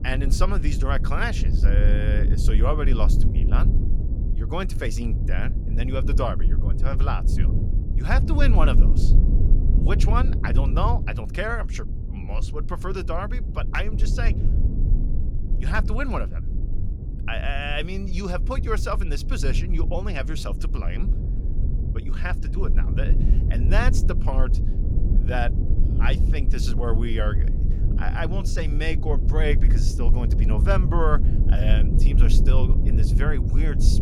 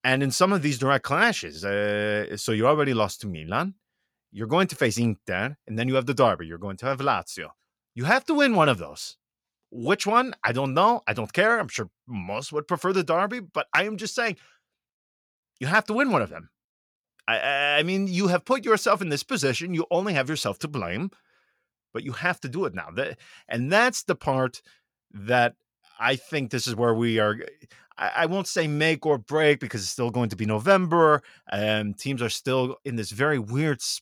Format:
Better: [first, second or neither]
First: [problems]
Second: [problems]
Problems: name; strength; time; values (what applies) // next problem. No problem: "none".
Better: second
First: low rumble; loud; throughout; 9 dB below the speech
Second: none